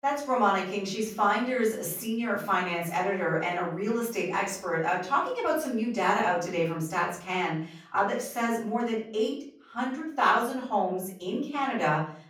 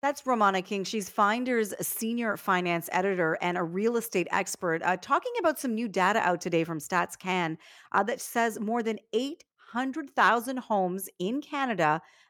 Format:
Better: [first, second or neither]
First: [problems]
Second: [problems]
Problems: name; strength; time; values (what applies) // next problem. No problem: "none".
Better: second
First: off-mic speech; far // room echo; slight; dies away in 0.5 s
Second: none